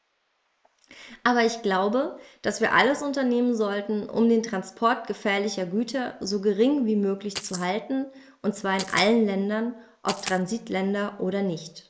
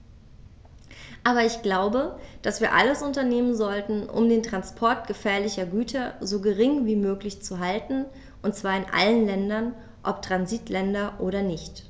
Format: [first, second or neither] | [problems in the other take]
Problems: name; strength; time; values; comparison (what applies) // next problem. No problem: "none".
second | noise reduction (neural mask model Resemble Enhance denoiser)